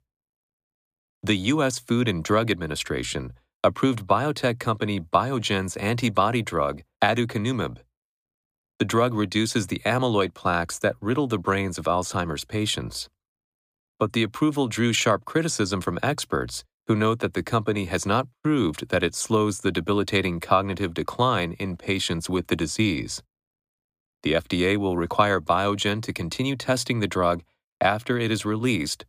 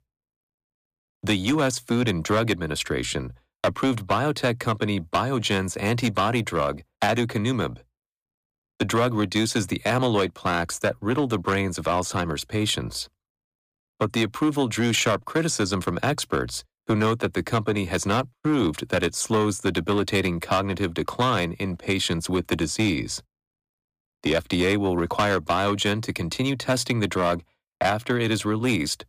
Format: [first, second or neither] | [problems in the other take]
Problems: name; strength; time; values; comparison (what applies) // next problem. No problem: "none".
first | distortion; slight; 5% of the sound clipped